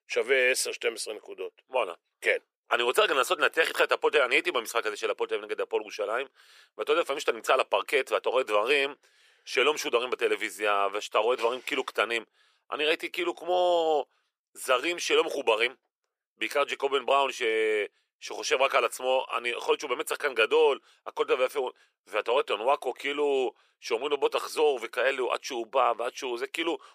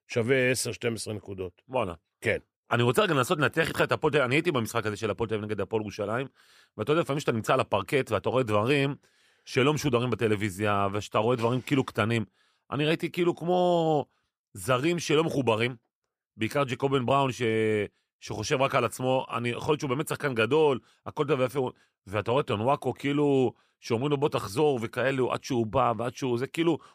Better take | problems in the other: second | thin; very; fading below 450 Hz

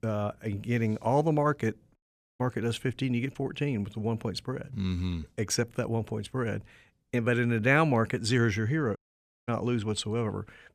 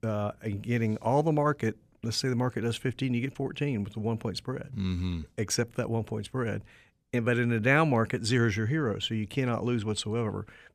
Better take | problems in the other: second | audio cutting out; at 2 s and at 9 s for 0.5 s

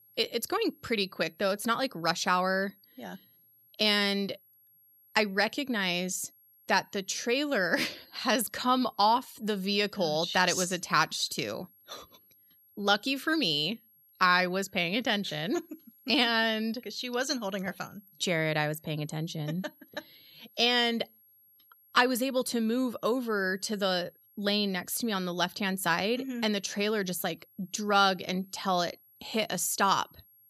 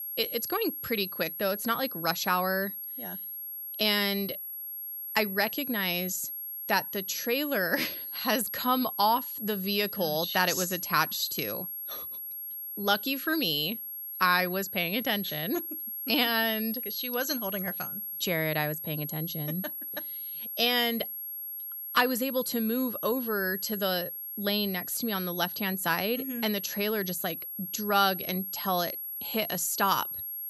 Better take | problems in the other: first | high-pitched whine; loud; throughout; 11.5 kHz, 5 dB below the speech; faint in the first

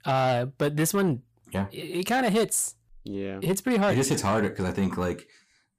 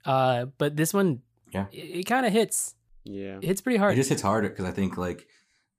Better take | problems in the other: second | distortion; slight; 10 dB below the speech

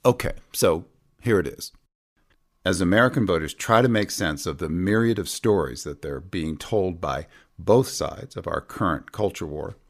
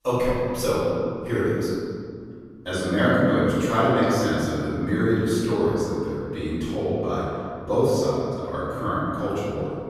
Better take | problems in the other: first | off-mic speech; far // room echo; strong; dies away in 2.2 s

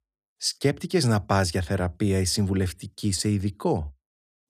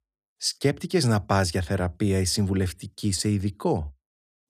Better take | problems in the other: neither | none

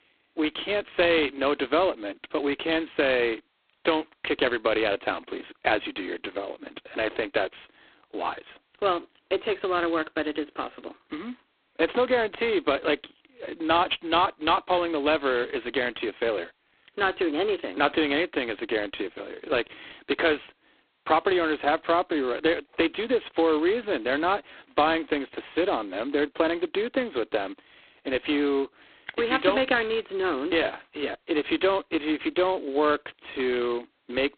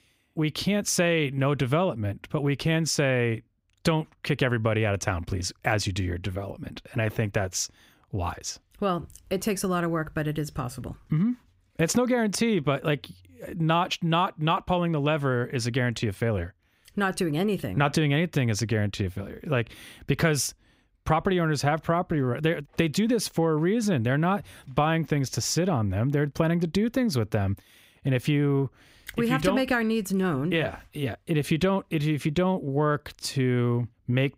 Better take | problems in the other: second | phone-call audio; poor line; nothing above 4 kHz

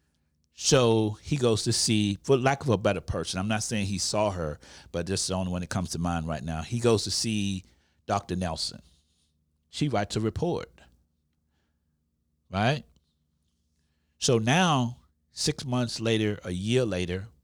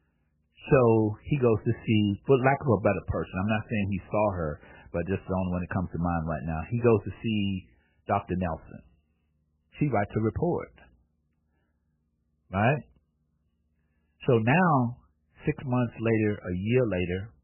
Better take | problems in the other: first | garbled, watery; badly; nothing above 3 kHz

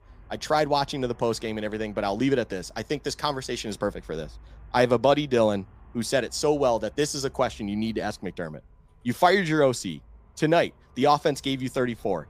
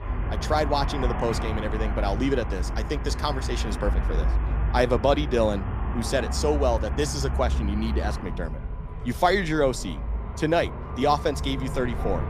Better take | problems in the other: first | traffic noise; loud; throughout; 3 dB below the speech; faint in the first

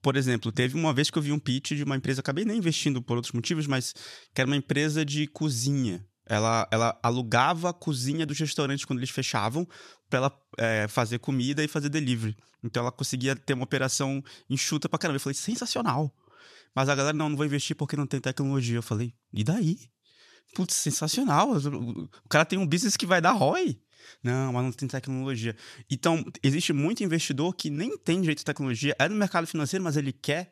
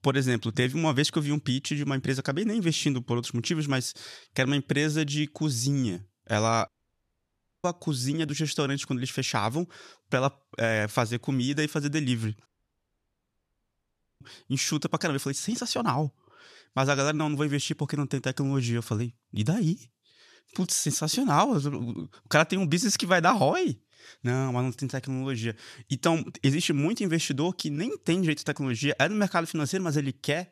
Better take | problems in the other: first | audio cutting out; at 6.5 s for 1 s and at 12 s for 2 s

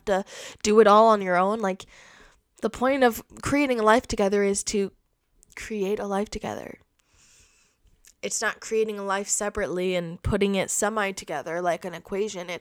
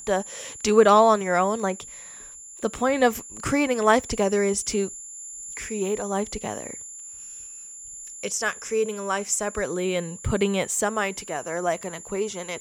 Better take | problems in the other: first | high-pitched whine; noticeable; throughout; 7 kHz, 15 dB below the speech

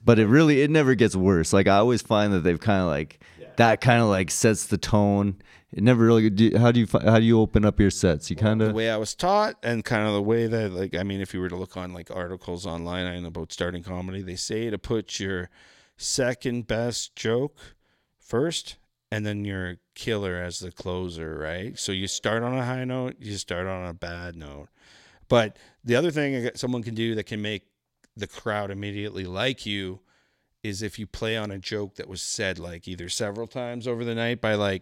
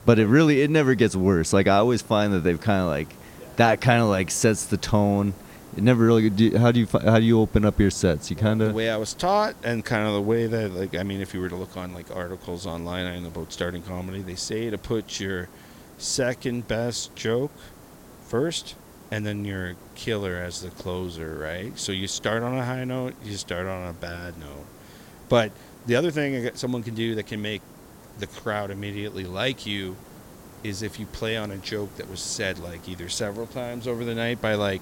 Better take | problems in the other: first | hiss; faint; throughout; 20 dB below the speech

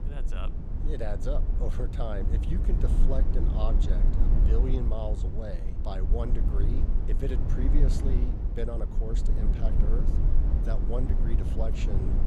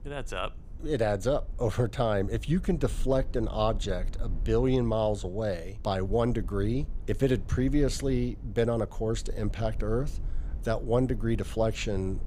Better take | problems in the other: second | low rumble; loud; throughout; 4 dB below the speech; faint in the second

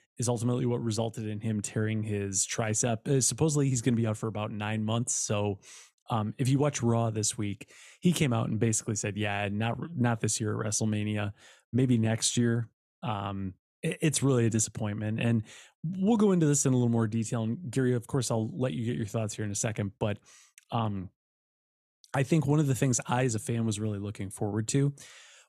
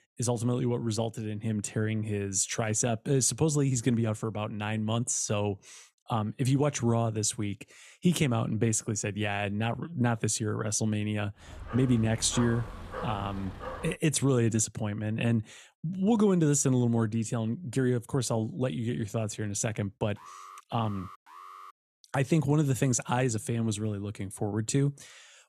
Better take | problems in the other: first | dog barking; noticeable; from 11 to 14 s; peak 10 dB below the speech // alarm; faint; from 20 to 22 s; peak 20 dB below the speech

